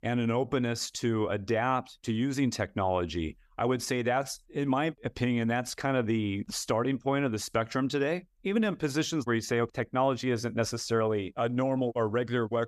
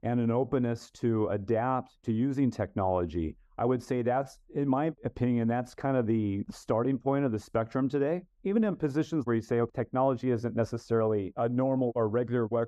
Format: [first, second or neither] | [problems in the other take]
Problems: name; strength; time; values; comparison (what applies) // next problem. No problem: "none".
first | muffled; slightly; fading above 1.5 kHz